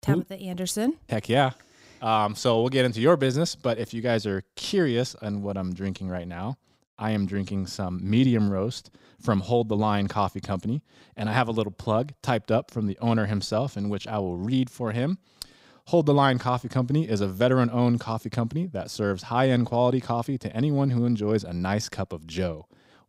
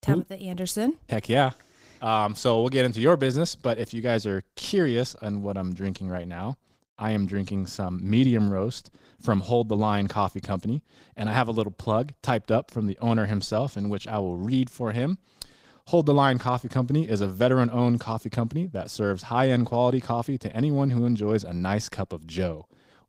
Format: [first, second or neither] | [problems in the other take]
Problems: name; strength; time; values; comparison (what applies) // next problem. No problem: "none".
first | garbled, watery; slightly; nothing above 15.5 kHz